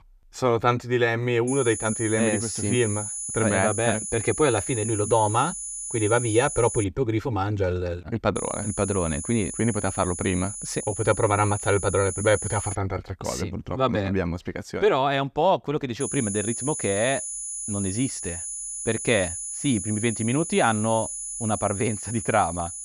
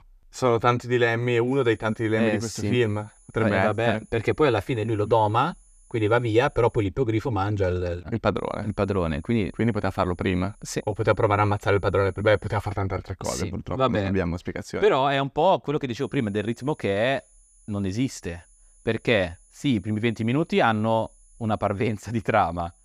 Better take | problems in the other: second | high-pitched whine; loud; from 1.5 to 7 s, from 8.5 to 13 s and from 16 s on; 10 kHz, 6 dB below the speech; faint in the second

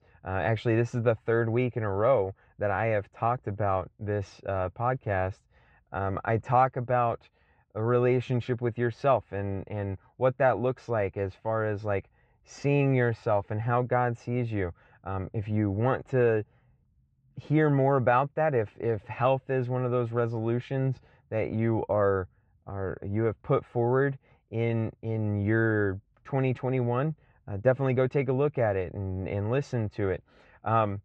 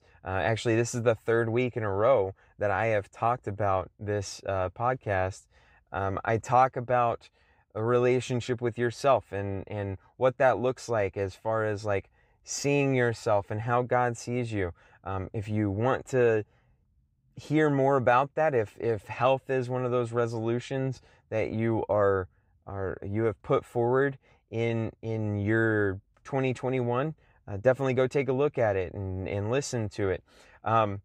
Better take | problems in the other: second | muffled; slightly; fading above 3 kHz

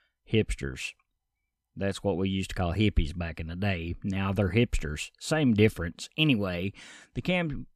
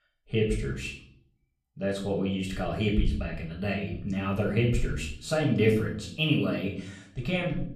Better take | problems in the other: first | room echo; slight; dies away in 0.5 s // off-mic speech; far

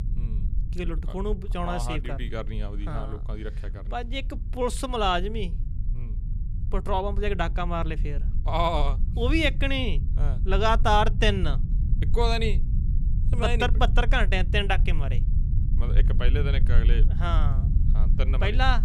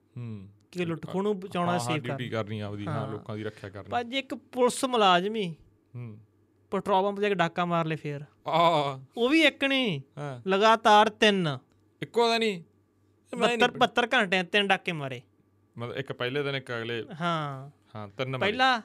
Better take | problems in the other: second | low rumble; noticeable; throughout; 15 dB below the speech

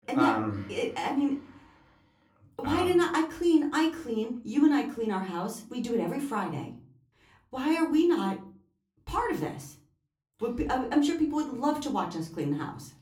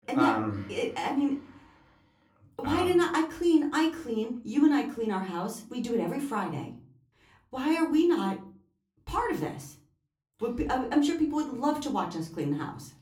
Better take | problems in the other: neither | off-mic speech; somewhat distant; the same in both // room echo; very slight; dies away in 0.3 s; the same in both

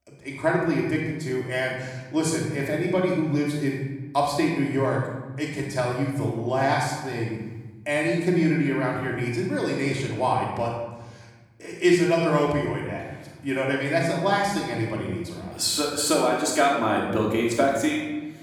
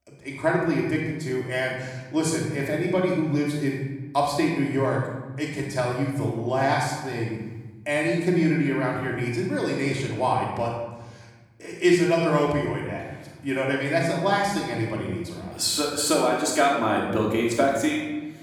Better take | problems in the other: neither | room echo; noticeable; dies away in 1 s; the same in both // off-mic speech; far; the same in both

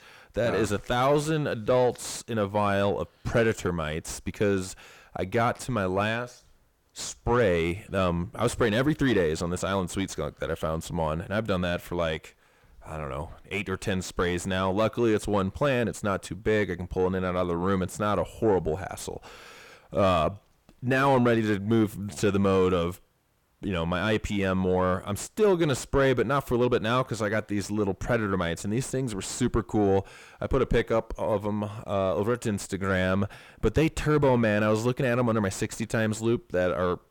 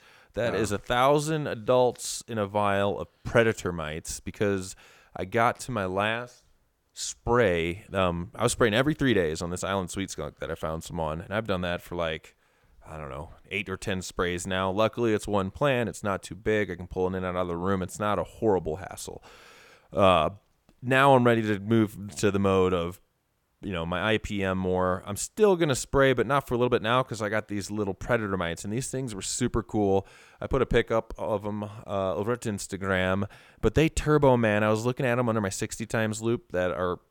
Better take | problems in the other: second | distortion; slight; 10 dB below the speech

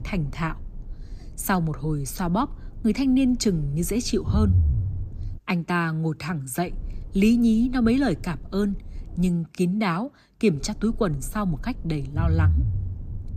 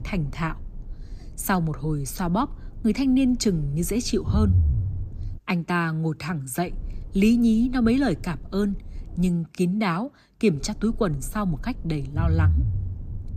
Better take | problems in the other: neither | low rumble; noticeable; until 5.5 s, from 6.5 to 9.5 s and from 11 s on; 20 dB below the speech; the same in both

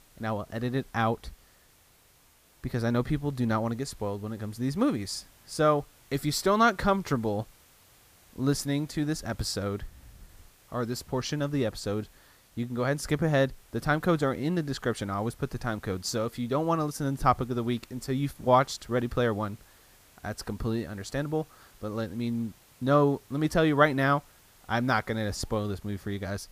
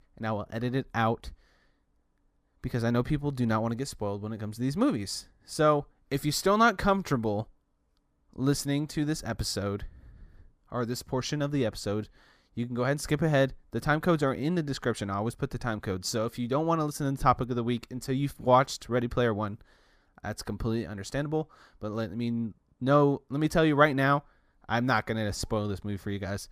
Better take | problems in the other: second | hiss; faint; throughout; 30 dB below the speech

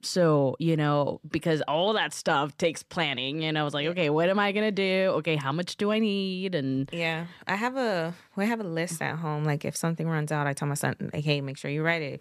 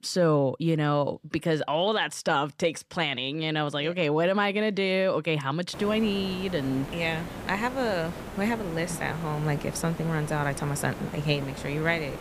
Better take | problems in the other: first | hiss; noticeable; from 5.5 s on; 10 dB below the speech

